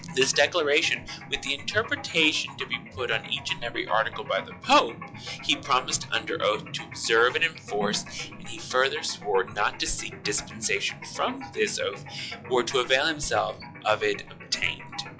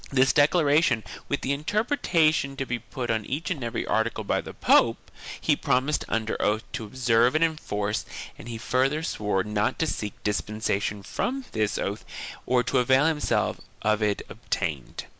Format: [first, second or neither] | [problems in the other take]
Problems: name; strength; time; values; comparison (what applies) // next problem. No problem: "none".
second | noise reduction (classical method log-MMSE)